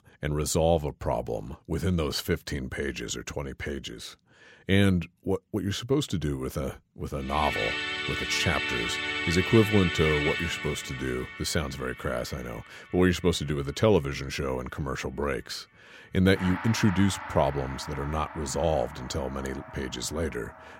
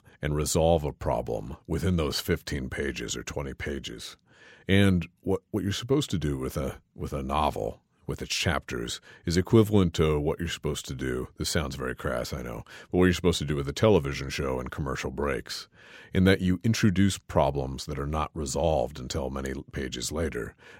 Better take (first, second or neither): second